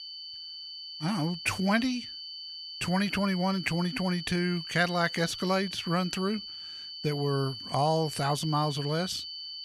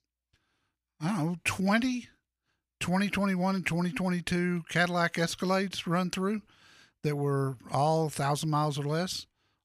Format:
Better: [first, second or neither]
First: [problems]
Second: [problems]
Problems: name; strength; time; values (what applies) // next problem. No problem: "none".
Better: second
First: high-pitched whine; loud; throughout; 4.5 kHz, 9 dB below the speech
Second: none